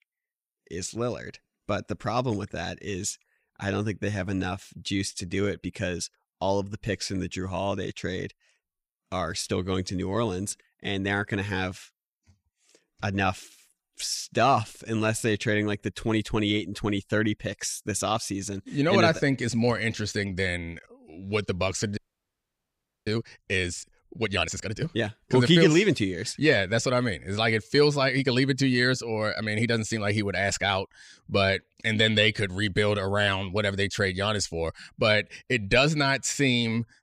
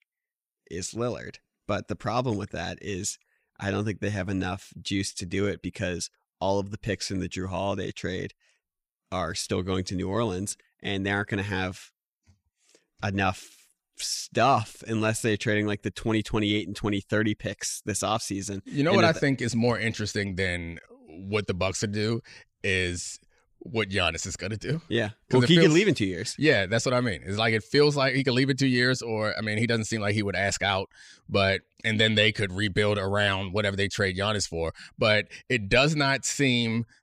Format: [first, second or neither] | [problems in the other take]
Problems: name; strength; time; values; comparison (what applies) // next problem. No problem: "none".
second | audio freezing; at 22 s for 1 s